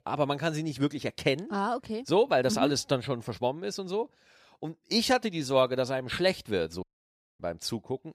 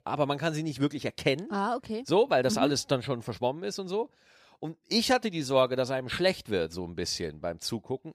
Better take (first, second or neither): second